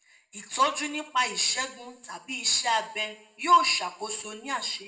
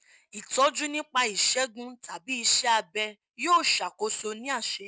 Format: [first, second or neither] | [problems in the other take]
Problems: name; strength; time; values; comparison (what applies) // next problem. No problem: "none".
second | room echo; dies away in 0.4 s